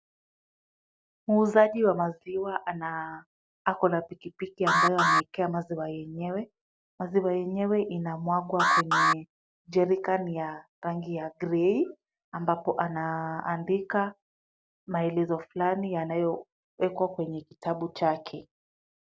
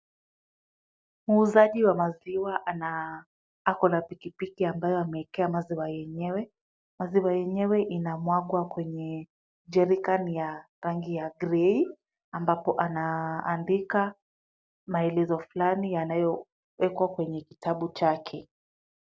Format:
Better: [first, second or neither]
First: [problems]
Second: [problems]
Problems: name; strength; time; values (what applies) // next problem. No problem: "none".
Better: second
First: background sound (Alarm); 2 dB above the speech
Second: none